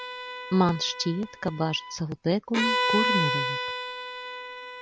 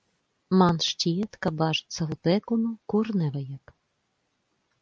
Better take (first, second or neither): second